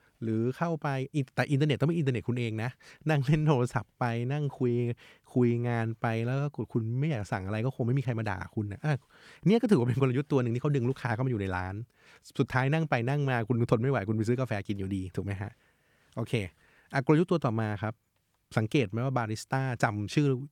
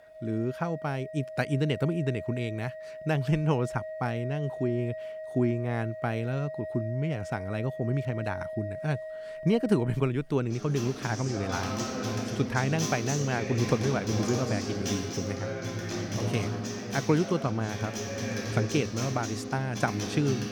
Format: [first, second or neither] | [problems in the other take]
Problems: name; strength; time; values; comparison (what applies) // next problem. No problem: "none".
first | background music; loud; throughout; 5 dB below the speech